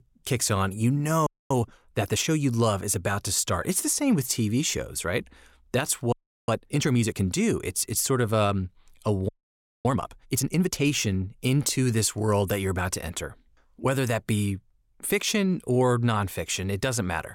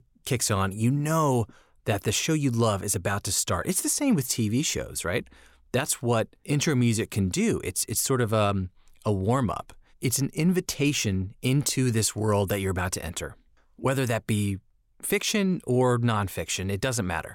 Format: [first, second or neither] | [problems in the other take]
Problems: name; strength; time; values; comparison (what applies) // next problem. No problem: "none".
second | audio freezing; at 1.5 s, at 6 s and at 9.5 s for 0.5 s